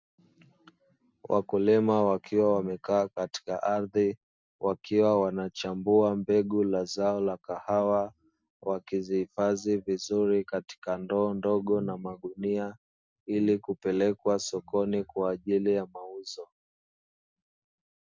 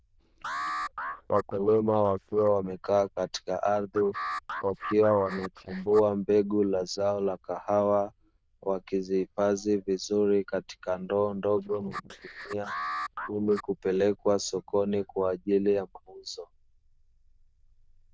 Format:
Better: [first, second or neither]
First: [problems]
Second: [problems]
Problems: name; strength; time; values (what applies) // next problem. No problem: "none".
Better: first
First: none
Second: noise reduction (neural diffusion model UNIVERSE++)